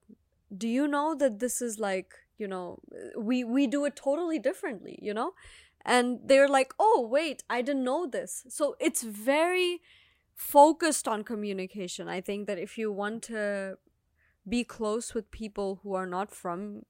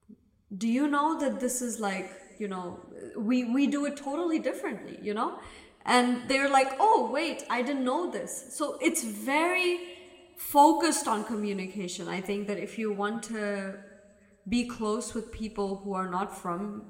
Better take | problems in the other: first | room echo; very slight; dies away in 1.5 s

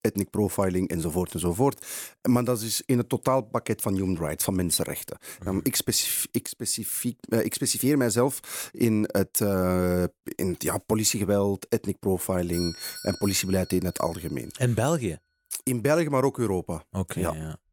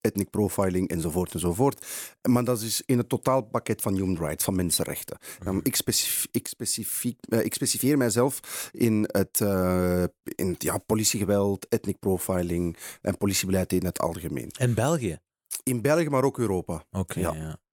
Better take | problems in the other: second | doorbell; noticeable; from 13 to 14 s; peak 8 dB below the speech

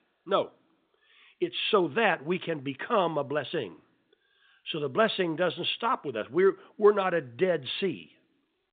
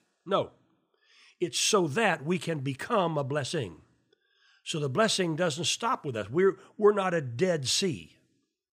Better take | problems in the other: second | phone-call audio; nothing above 3.5 kHz

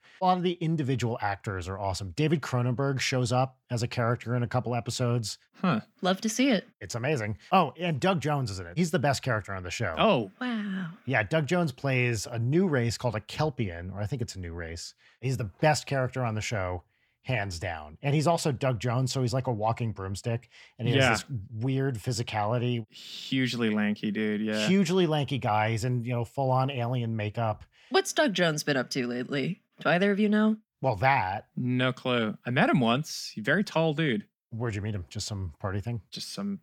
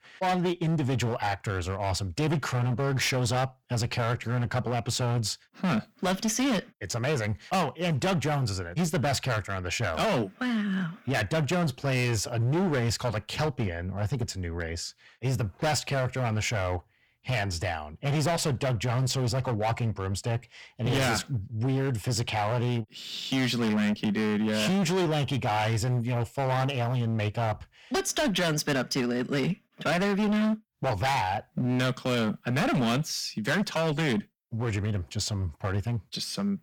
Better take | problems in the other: first | distortion; heavy; 18% of the sound clipped

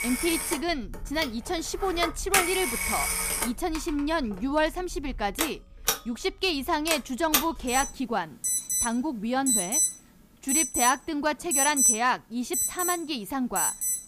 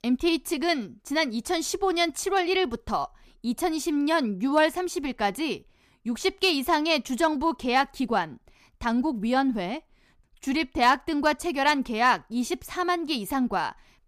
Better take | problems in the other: second | alarms or sirens; very loud; throughout; 2 dB above the speech

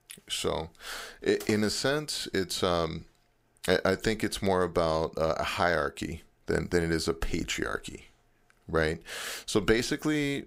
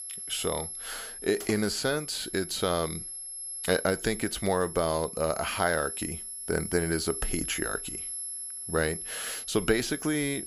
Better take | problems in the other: first | high-pitched whine; loud; throughout; 11 kHz, 6 dB below the speech

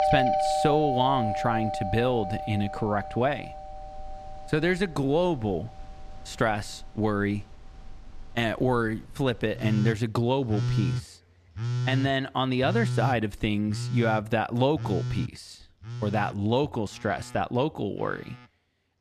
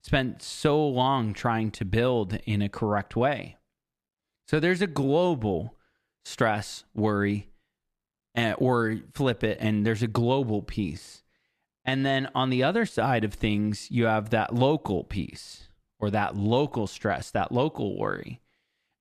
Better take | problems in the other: second | alarms or sirens; loud; throughout; 4 dB below the speech

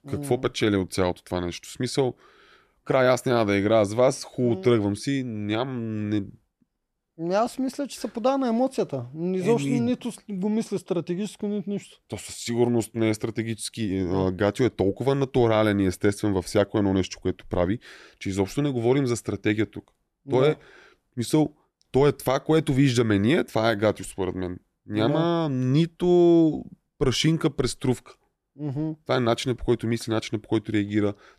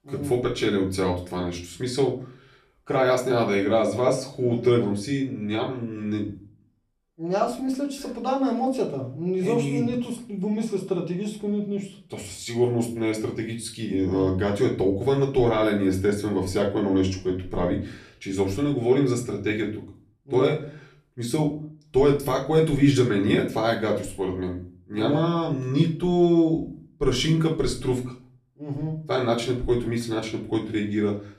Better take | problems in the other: first | room echo; slight; dies away in 0.4 s // off-mic speech; far

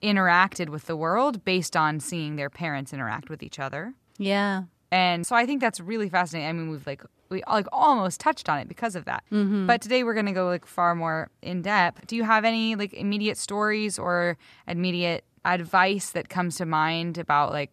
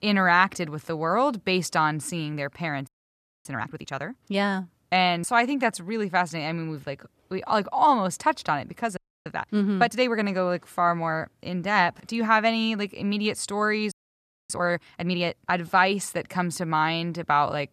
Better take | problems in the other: first | audio freezing; at 3 s for 0.5 s, at 9 s and at 14 s for 0.5 s

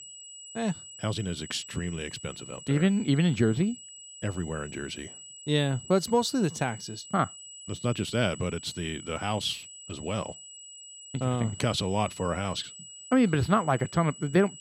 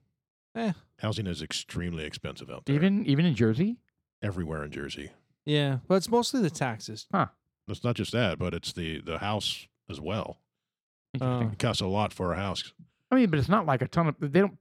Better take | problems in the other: second | high-pitched whine; noticeable; throughout; 8 kHz, 15 dB below the speech

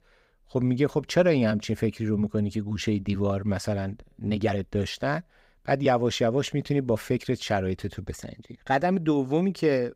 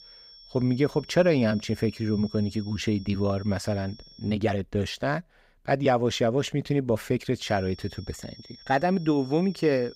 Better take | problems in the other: first | high-pitched whine; faint; until 4.5 s and from 7.5 s on; 5.5 kHz, 20 dB below the speech

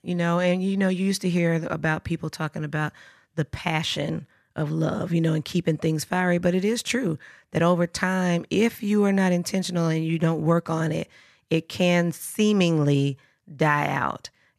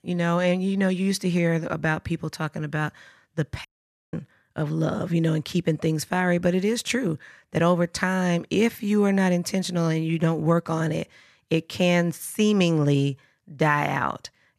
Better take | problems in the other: first | audio cutting out; at 3.5 s

